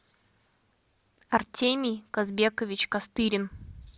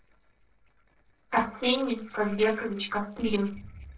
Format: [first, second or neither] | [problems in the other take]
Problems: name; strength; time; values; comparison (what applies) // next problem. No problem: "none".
first | noise reduction (neural separator model SepFormer DNS4)